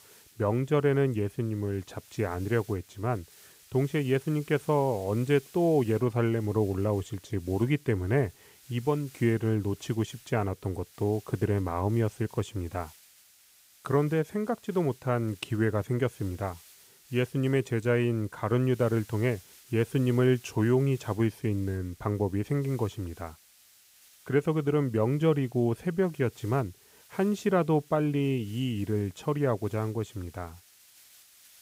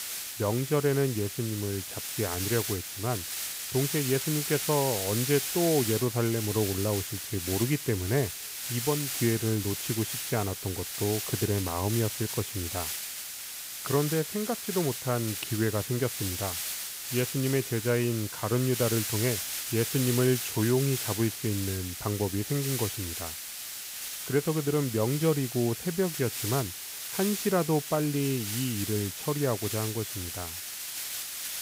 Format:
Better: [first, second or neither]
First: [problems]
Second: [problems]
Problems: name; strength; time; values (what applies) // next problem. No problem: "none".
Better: first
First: hiss; faint; throughout; 25 dB below the speech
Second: hiss; loud; throughout; 3 dB below the speech